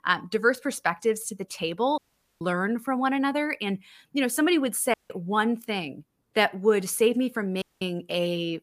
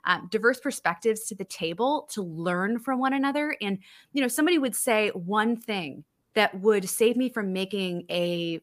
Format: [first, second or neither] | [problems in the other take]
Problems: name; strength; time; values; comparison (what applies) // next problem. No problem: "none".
second | audio cutting out; at 2 s, at 5 s and at 7.5 s